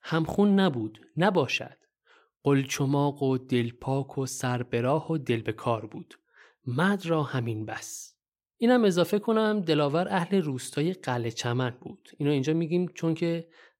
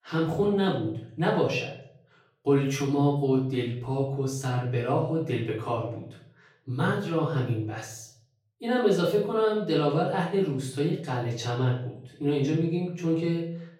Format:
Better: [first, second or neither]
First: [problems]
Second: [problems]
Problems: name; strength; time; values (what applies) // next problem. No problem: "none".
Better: first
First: none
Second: off-mic speech; far // room echo; noticeable; dies away in 0.6 s